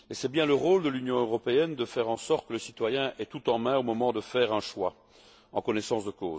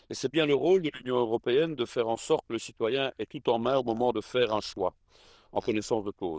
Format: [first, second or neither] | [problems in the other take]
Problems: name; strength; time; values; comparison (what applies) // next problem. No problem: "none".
first | noise reduction (neural diffusion model UNIVERSE++)